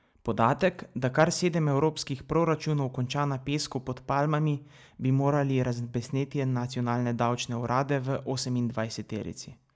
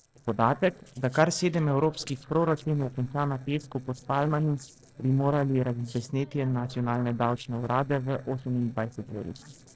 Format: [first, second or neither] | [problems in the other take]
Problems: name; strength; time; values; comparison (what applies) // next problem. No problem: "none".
first | noise reduction (neural separator model SepFormer DNS4)